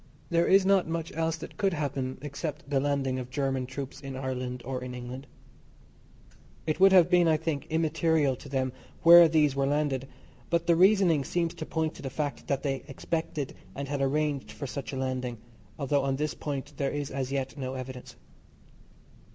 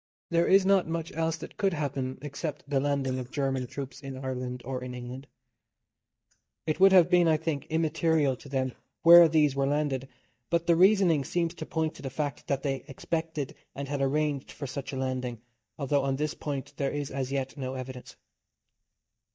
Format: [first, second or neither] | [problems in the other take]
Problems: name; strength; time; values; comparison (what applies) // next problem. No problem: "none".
first | noise reduction (neural mask model DeepFilterNet 3)